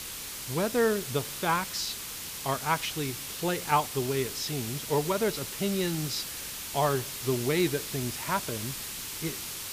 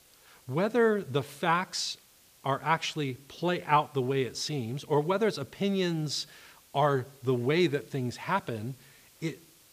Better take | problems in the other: second | hiss; loud; throughout; 5 dB below the speech; faint in the second

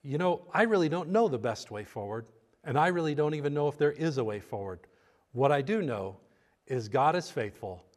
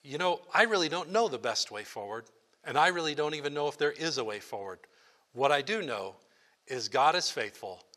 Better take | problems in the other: first | thin; somewhat; fading below 1 kHz

